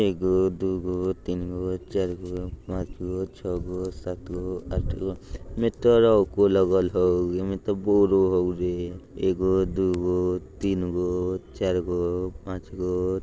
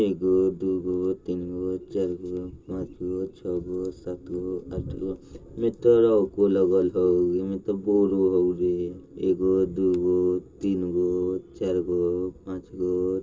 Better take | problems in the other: first | room echo; dies away in 0.2 s

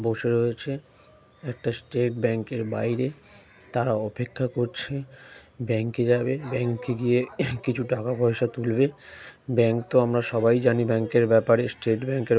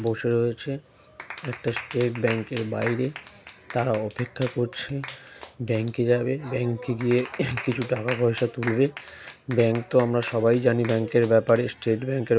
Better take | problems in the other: first | background sound (Clapping); 16 dB below the speech

